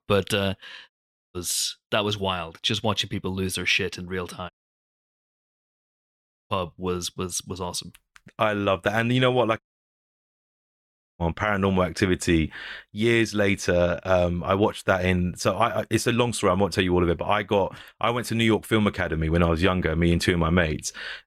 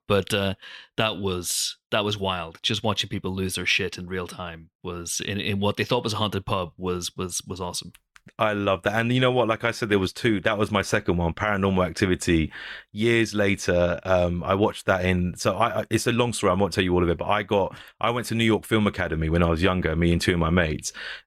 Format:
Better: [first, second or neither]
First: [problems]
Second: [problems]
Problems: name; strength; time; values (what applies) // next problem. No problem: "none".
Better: second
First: audio cutting out; at 1 s, at 4.5 s for 2 s and at 9.5 s for 1.5 s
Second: none